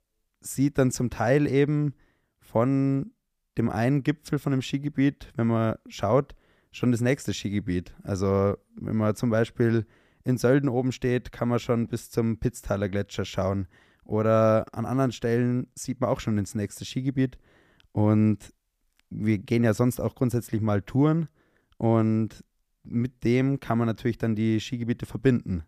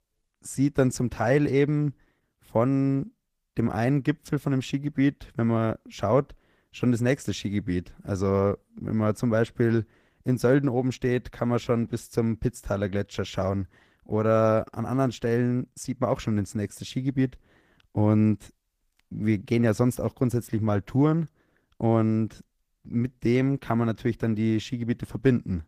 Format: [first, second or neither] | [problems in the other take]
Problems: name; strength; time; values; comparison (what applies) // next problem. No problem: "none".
first | garbled, watery; slightly; nothing above 15 kHz